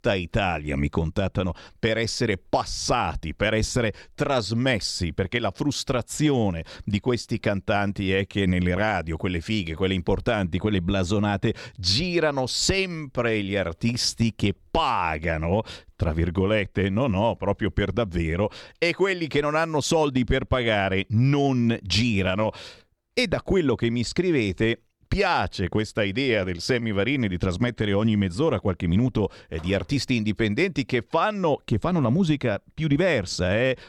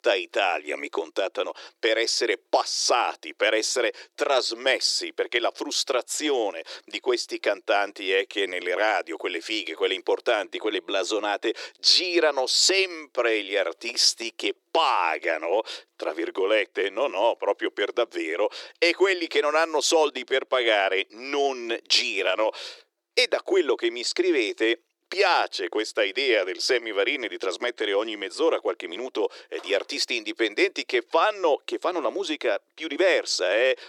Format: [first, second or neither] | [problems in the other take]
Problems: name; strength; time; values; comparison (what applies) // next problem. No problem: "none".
first | thin; very; fading below 350 Hz